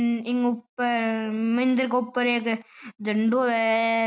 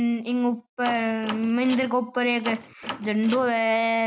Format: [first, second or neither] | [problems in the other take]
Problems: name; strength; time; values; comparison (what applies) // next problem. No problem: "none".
first | background sound (Door); 14 dB below the speech